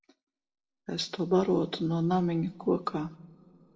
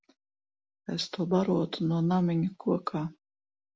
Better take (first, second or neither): second